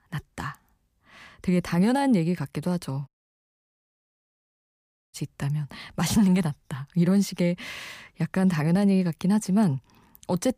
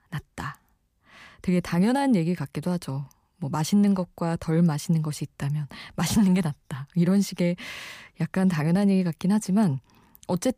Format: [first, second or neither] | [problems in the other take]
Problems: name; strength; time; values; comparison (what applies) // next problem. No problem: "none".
second | audio cutting out; at 3 s for 2 s